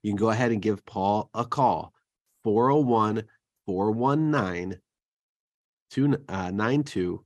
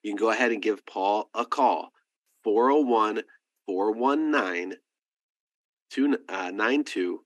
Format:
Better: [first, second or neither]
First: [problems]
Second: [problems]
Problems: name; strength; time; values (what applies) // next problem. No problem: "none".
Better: first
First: none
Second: thin; very slightly; fading below 250 Hz